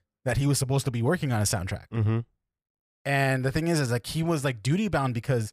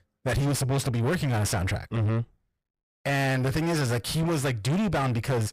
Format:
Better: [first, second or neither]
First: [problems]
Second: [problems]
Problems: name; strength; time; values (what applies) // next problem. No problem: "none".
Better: first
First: none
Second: distortion; heavy; 6 dB below the speech